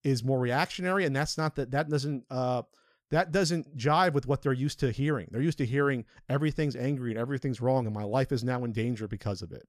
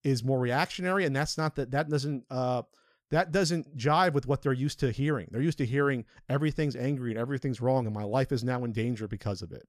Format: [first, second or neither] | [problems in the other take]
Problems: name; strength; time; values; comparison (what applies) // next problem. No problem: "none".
neither | none